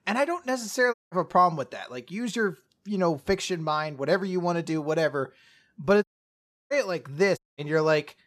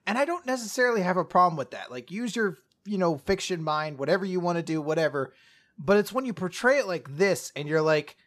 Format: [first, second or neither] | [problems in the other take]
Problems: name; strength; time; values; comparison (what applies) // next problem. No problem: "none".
second | audio cutting out; at 1 s, at 6 s for 0.5 s and at 7.5 s